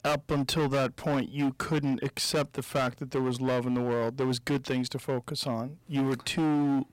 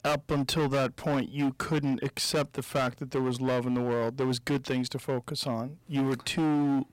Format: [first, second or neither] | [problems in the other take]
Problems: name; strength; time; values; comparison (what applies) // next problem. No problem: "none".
neither | distortion; heavy; 17% of the sound clipped; the same in both